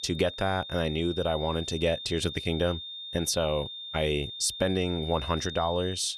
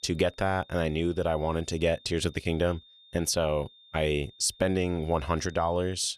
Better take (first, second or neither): second